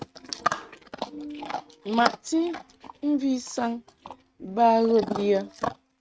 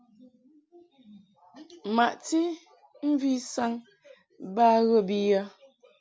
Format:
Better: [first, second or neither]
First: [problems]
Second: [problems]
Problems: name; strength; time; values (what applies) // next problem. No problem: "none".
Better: second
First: noise reduction (neural mask model RNNoise)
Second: none